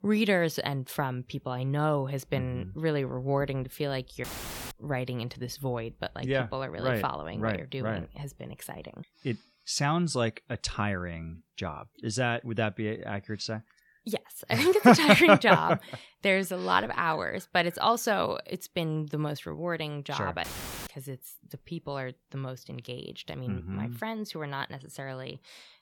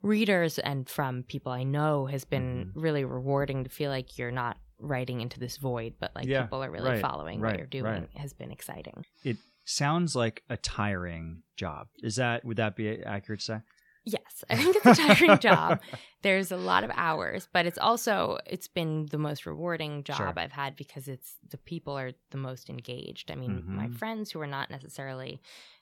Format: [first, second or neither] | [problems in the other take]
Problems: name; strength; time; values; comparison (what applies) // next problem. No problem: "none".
second | audio cutting out; filled with static; at 4 s and at 20 s